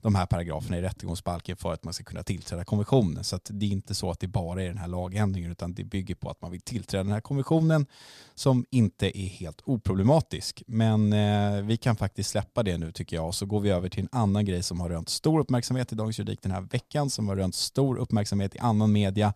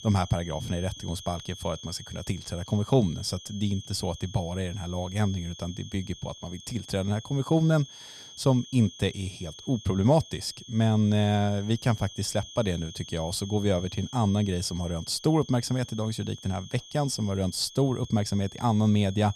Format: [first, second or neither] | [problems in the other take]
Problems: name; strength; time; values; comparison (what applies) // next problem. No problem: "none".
first | high-pitched whine; noticeable; throughout; 3.5 kHz, 15 dB below the speech